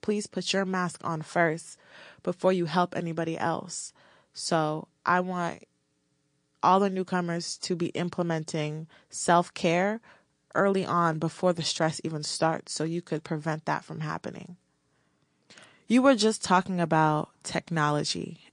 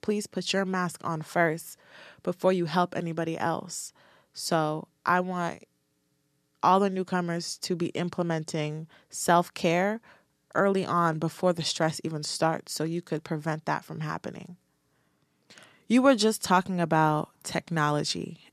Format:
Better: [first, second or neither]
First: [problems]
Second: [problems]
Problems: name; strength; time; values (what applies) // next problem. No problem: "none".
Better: second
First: garbled, watery; slightly; nothing above 9 kHz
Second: none